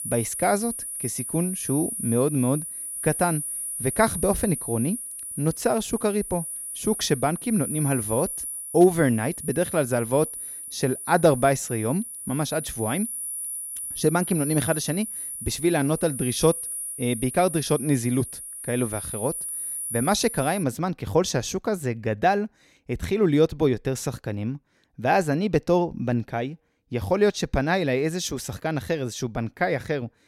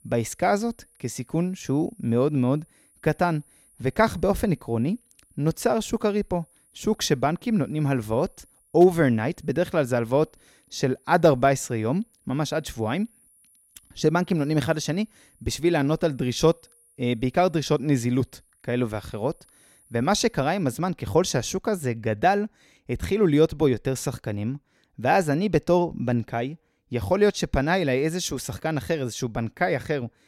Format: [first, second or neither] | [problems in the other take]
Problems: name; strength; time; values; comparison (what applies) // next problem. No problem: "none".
second | high-pitched whine; loud; until 21 s; 10 kHz, 6 dB below the speech; faint in the second